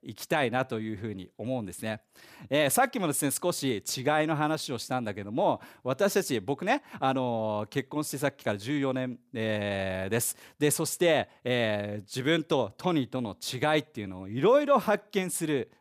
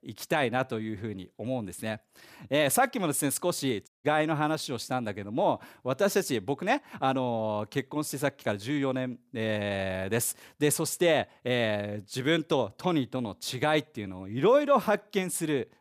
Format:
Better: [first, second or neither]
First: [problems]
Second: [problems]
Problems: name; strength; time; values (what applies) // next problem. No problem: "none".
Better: first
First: none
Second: audio cutting out; at 4 s